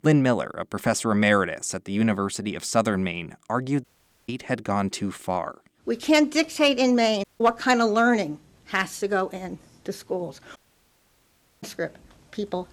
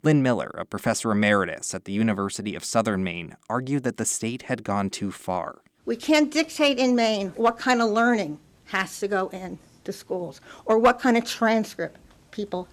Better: second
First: audio cutting out; at 4 s, at 7 s and at 11 s for 1 s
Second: none

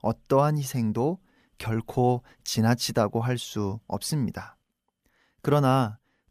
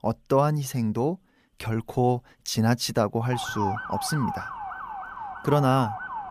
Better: first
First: none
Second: siren; noticeable; from 3.5 s on; peak 4 dB below the speech

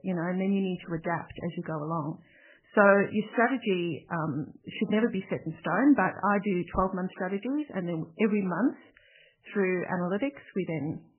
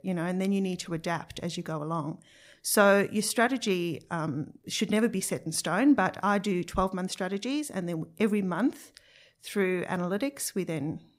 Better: second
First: garbled, watery; badly; nothing above 3 kHz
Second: none

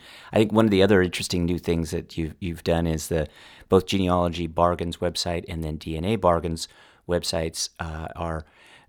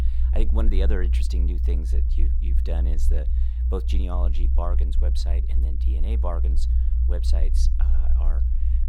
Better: first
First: none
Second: low rumble; loud; throughout; 6 dB below the speech

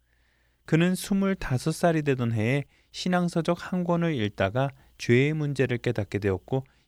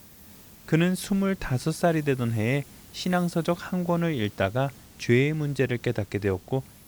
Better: first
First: none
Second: hiss; faint; throughout; 20 dB below the speech

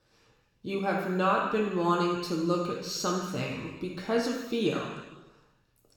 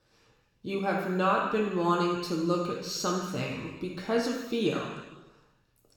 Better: neither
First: room echo; noticeable; dies away in 1.1 s // off-mic speech; far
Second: room echo; noticeable; dies away in 1.1 s // off-mic speech; far

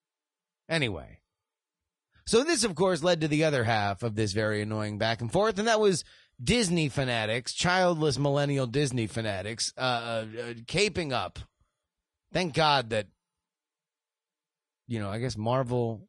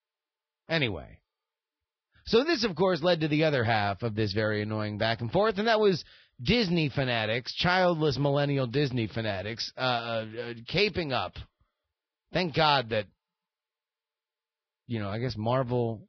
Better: first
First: garbled, watery; slightly; nothing above 10 kHz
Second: garbled, watery; badly; nothing above 5.5 kHz

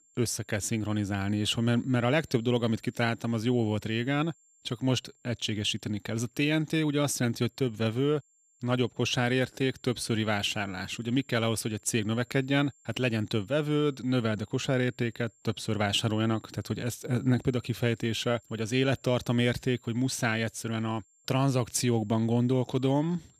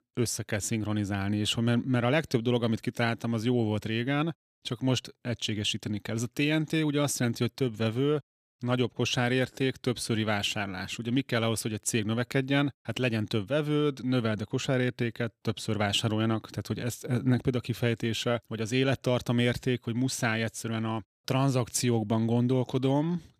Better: second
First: high-pitched whine; faint; throughout; 7.5 kHz, 30 dB below the speech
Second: none

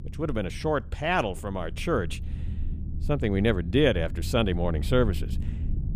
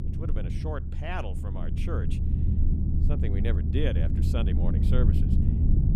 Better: first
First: low rumble; faint; throughout; 20 dB below the speech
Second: low rumble; loud; throughout; 2 dB below the speech

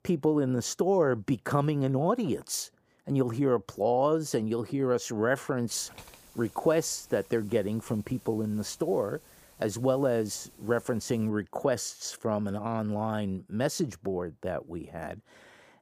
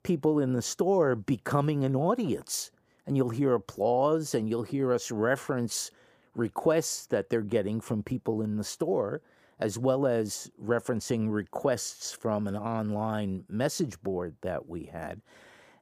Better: second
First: hiss; faint; from 5.5 to 11 s; 25 dB below the speech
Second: none

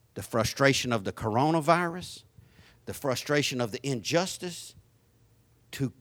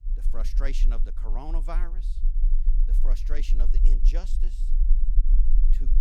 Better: first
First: none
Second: low rumble; noticeable; throughout; 10 dB below the speech

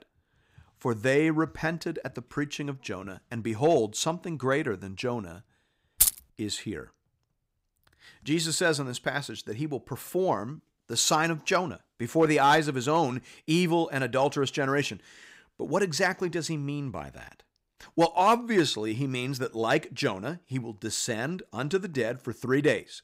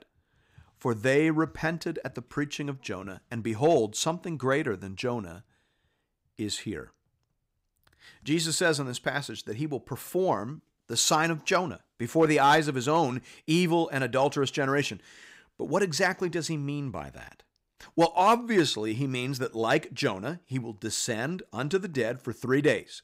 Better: second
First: jangling keys; loud; at 6 s; peak 5 dB above the speech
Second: none

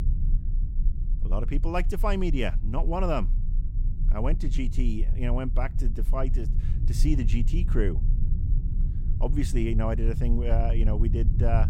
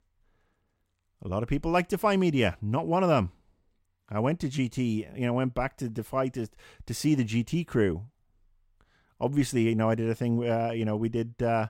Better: second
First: low rumble; noticeable; throughout; 15 dB below the speech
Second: none

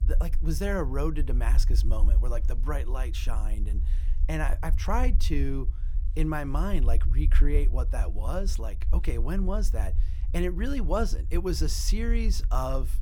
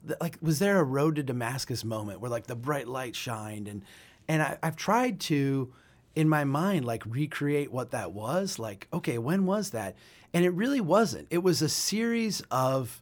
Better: second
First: low rumble; noticeable; throughout; 15 dB below the speech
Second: none

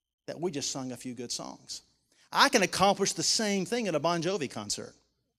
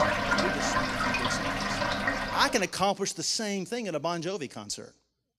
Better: first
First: none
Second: household noises; very loud; until 2.5 s; 2 dB above the speech

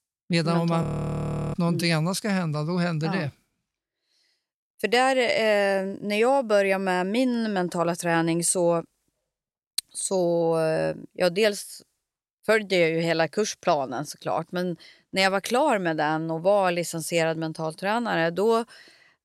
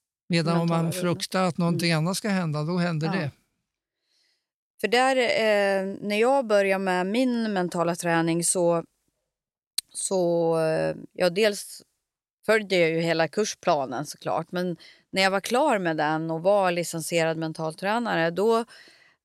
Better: second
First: audio freezing; at 1 s for 0.5 s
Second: none

